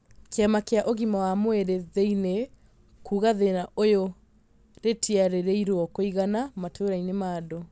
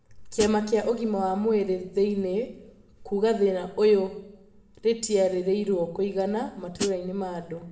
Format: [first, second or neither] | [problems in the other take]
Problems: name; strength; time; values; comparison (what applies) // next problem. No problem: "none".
first | background sound (Hi-hat); 8 dB below the speech // room echo; dies away in 0.8 s